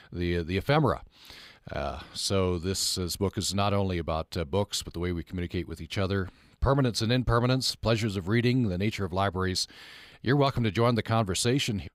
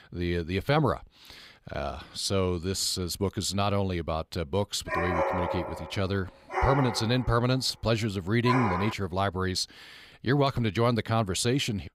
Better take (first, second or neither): first